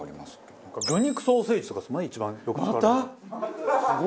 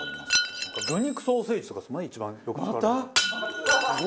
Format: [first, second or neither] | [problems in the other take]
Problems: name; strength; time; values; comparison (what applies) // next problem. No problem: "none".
first | background sound (Shatter); 2 dB below the speech